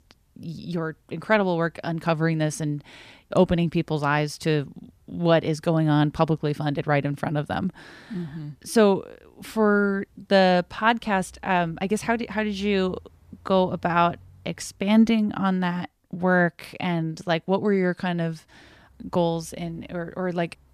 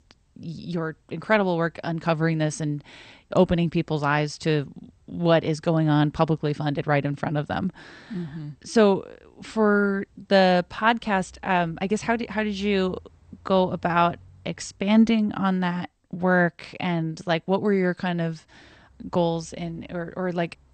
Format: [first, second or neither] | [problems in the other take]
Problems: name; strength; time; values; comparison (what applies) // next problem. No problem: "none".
first | garbled, watery; slightly; nothing above 8.5 kHz